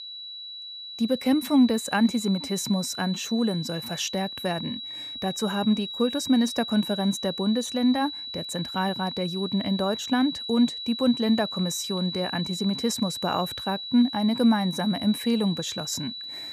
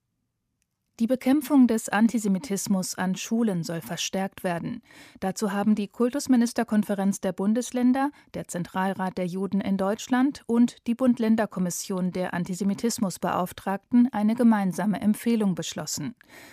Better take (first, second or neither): second